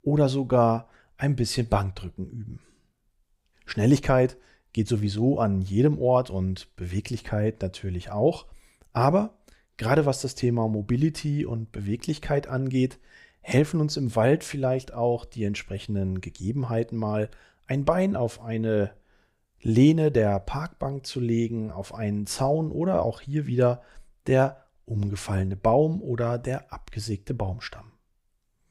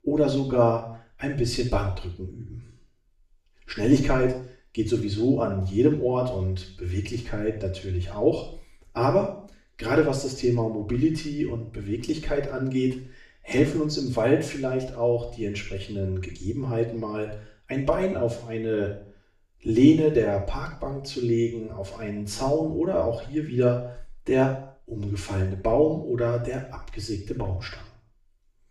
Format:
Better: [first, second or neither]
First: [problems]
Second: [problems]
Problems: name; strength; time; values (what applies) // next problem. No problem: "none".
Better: first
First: none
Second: room echo; noticeable; dies away in 0.5 s // off-mic speech; far